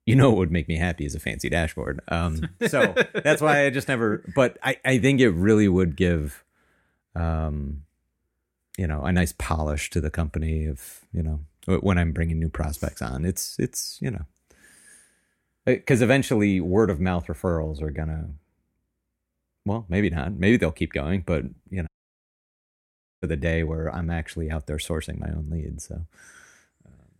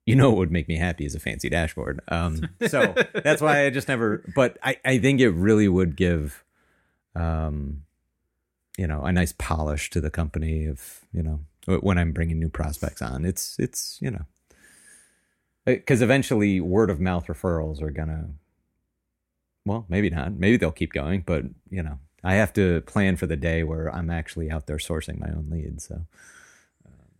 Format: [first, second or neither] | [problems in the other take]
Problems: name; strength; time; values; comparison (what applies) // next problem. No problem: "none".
second | audio cutting out; at 22 s for 1.5 s